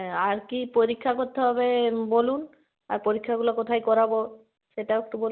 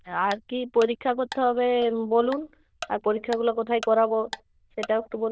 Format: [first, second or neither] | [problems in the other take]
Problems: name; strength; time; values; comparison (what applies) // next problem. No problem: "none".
first | noise reduction (neural diffusion model UNIVERSE++)